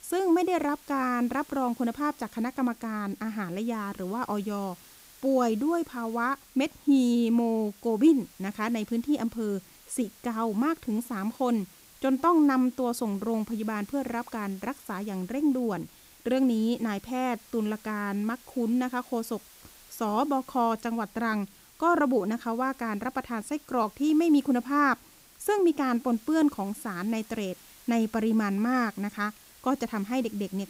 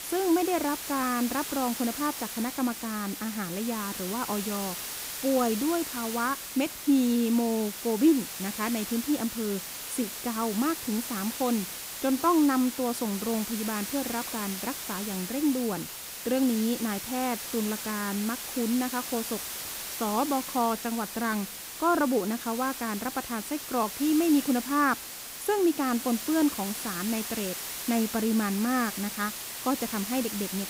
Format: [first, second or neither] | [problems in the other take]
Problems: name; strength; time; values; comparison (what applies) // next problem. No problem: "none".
first | hiss; loud; throughout; 6 dB below the speech; faint in the first